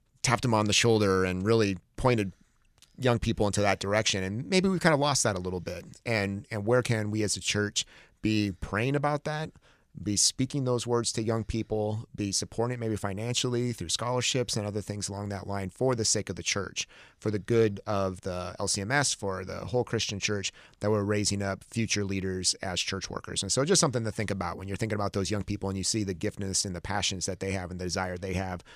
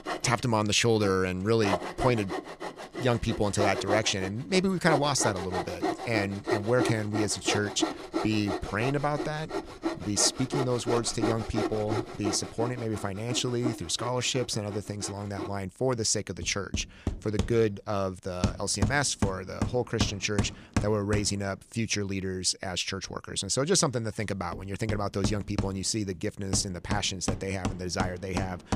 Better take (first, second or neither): first